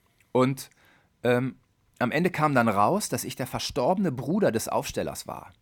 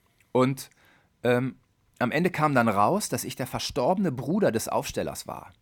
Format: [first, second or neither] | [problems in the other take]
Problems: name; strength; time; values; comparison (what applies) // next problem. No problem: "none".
neither | none